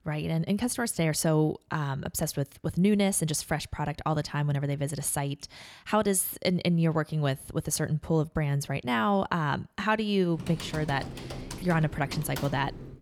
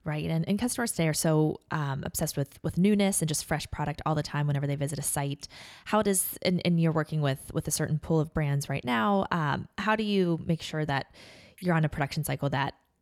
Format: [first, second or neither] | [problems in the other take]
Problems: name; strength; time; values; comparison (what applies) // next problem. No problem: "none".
second | keyboard typing; noticeable; from 10 s on; peak 10 dB below the speech